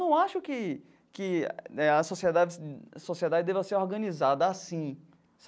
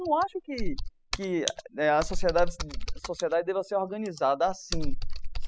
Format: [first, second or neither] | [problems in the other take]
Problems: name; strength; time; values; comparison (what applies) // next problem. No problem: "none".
first | noise reduction (classical method spectral subtraction)